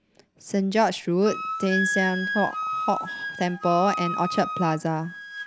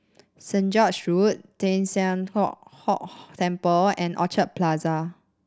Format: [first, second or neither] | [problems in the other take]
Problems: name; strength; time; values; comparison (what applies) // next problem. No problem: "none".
second | background sound (Wind instrument, woodwind instrument); 5 dB below the speech